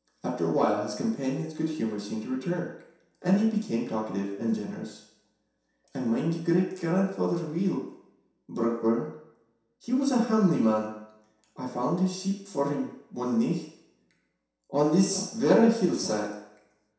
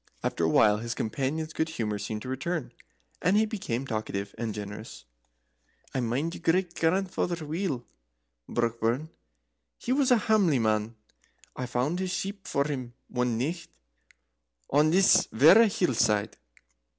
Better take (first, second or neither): second